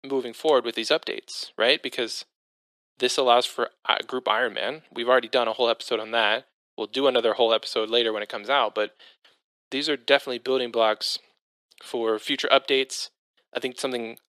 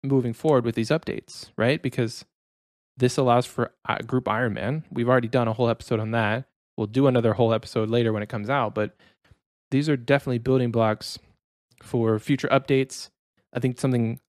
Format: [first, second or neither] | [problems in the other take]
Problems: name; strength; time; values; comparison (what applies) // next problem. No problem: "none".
second | thin; somewhat; fading below 400 Hz